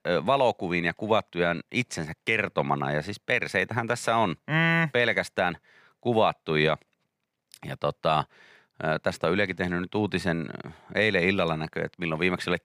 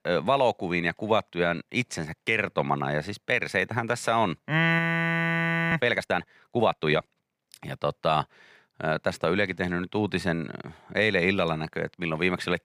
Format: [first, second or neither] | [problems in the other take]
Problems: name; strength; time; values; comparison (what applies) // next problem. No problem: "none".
first | audio freezing; at 5 s for 1 s